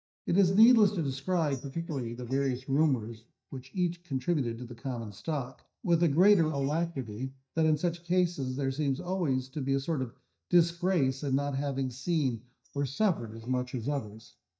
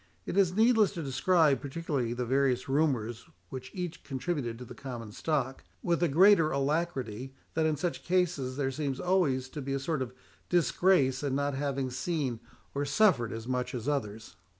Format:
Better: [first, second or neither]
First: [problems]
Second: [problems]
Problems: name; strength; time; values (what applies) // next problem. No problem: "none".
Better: second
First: noise reduction (neural mask model DeepFilterNet 3)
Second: none